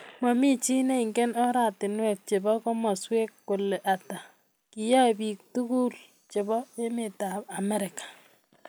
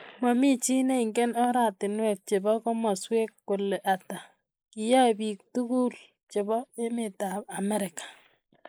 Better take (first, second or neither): first